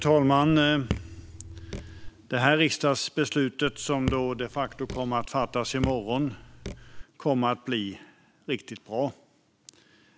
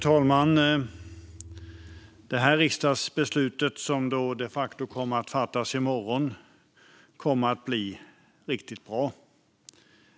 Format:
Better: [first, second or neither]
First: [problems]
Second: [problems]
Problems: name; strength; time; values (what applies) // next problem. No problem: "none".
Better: second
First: background sound (Raindrop / Drip); 10 dB below the speech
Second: none